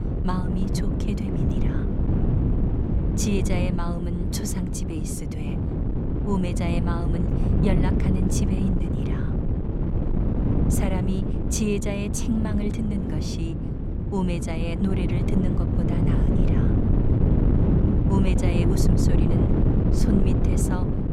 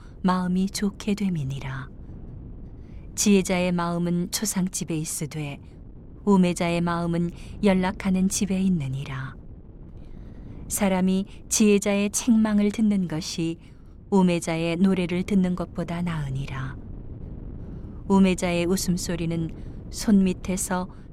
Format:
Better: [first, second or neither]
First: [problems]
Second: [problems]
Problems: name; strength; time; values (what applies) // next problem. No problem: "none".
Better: second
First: wind noise on the microphone; heavy; 1 dB above the speech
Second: wind noise on the microphone; occasional gusts; 25 dB below the speech